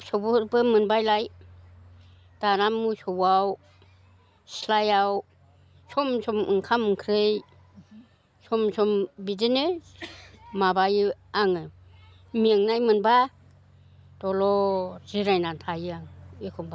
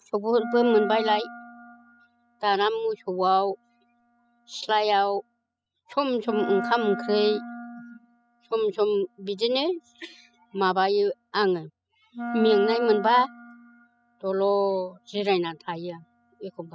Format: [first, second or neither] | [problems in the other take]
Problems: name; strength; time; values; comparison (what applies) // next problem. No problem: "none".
first | noise reduction (classical method spectral subtraction)